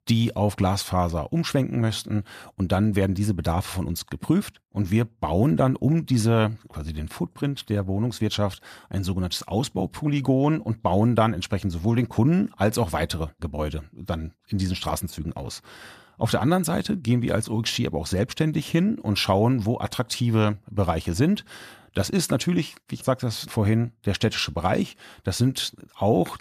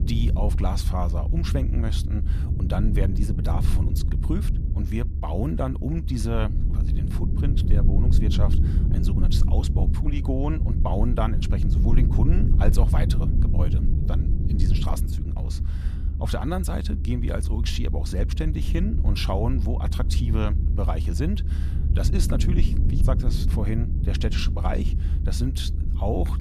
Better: first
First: none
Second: low rumble; loud; throughout; 6 dB below the speech

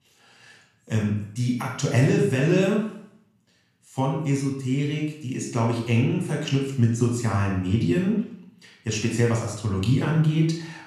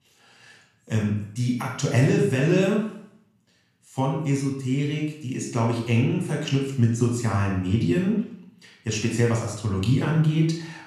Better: neither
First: off-mic speech; somewhat distant // room echo; noticeable; dies away in 0.6 s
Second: off-mic speech; somewhat distant // room echo; noticeable; dies away in 0.6 s

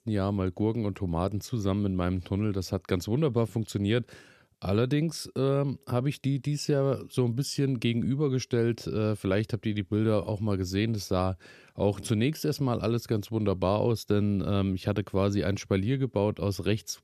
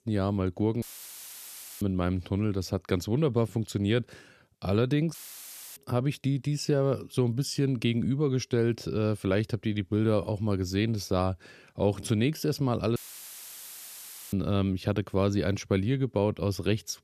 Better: first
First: none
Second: audio cutting out; filled with static; at 1 s for 1 s, at 5 s for 0.5 s and at 13 s for 1.5 s

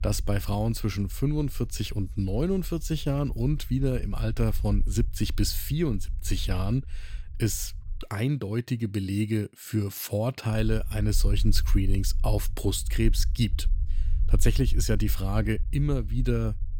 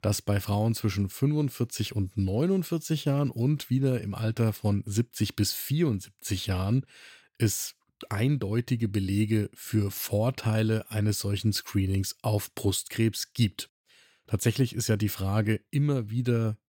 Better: second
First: low rumble; faint; until 8 s and from 11 s on; 20 dB below the speech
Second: none

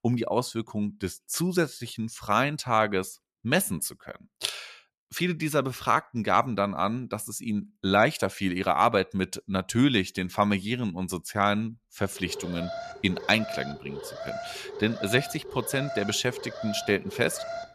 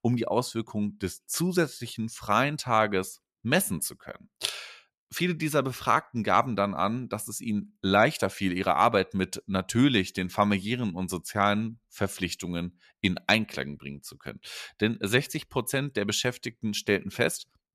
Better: second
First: alarm; noticeable; from 12 s on; peak 9 dB below the speech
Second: none

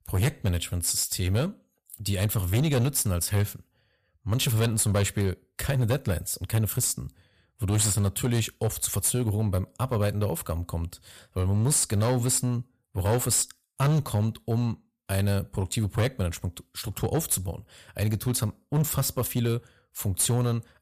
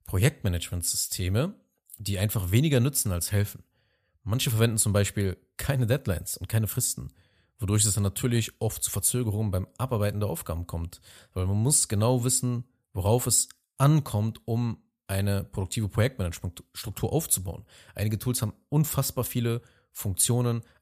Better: second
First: distortion; slight; 8% of the sound clipped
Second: none

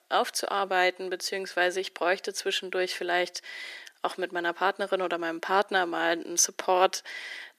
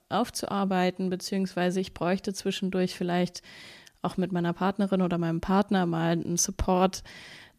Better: second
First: thin; very; fading below 350 Hz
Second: none

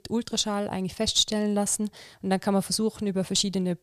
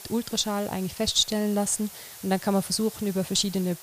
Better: first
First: none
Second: hiss; noticeable; throughout; 15 dB below the speech

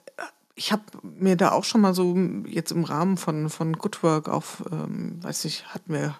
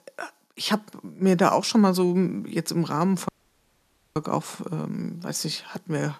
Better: first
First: none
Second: audio cutting out; at 3.5 s for 1 s

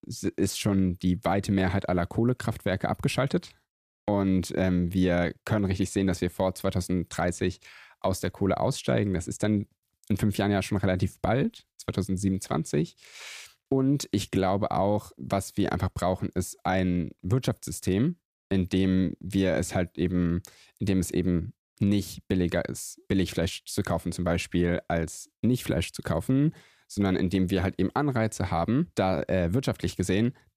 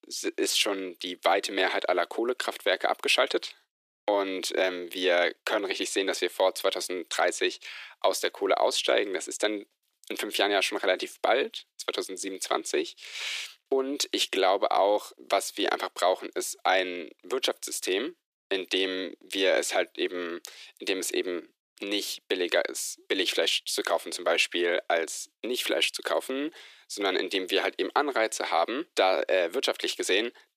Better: first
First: none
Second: thin; very; fading below 350 Hz

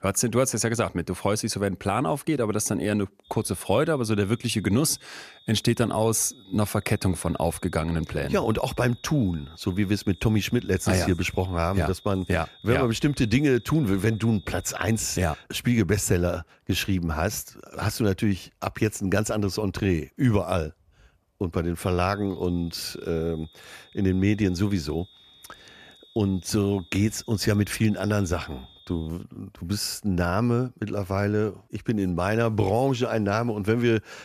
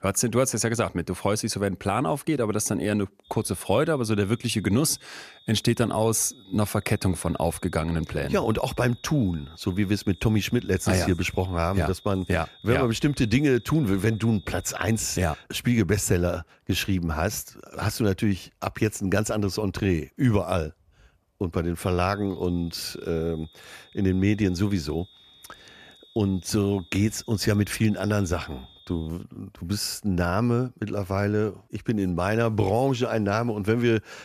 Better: neither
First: high-pitched whine; faint; from 3.5 to 15 s and from 22 to 29 s; 3.5 kHz, 25 dB below the speech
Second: high-pitched whine; faint; from 3.5 to 15 s and from 22 to 29 s; 3.5 kHz, 25 dB below the speech

